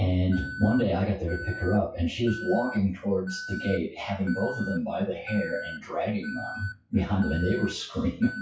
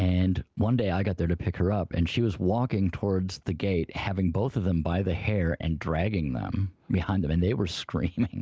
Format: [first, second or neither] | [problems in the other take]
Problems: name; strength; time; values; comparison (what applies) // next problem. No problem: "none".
second | noise reduction (classical method WPE with log-MMSE)